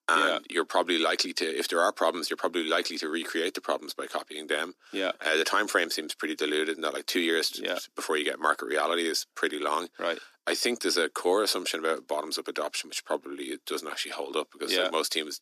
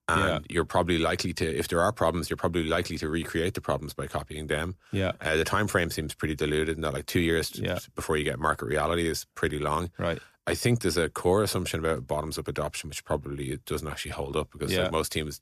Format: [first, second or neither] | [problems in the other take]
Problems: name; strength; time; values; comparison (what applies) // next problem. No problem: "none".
second | thin; somewhat; fading below 250 Hz